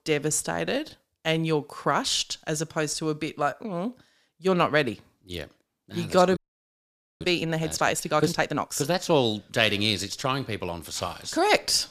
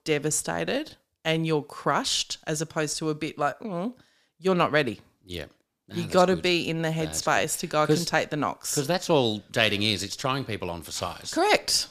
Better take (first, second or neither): second